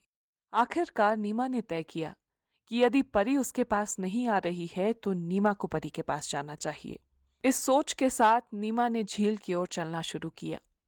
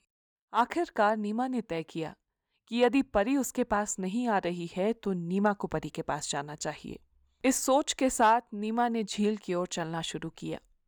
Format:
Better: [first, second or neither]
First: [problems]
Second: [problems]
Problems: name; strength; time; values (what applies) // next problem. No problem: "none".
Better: second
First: garbled, watery; slightly; nothing above 18.5 kHz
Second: none